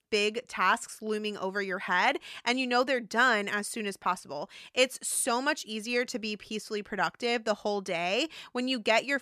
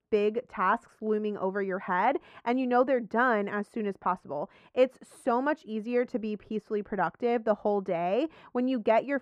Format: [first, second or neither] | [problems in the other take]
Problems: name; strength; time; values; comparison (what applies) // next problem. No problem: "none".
first | muffled; very; fading above 2.5 kHz